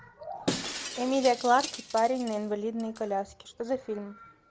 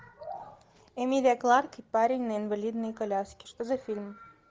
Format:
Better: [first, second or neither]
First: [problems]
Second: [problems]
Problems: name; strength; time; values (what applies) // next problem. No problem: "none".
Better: second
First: background sound (Shatter); 10 dB below the speech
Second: none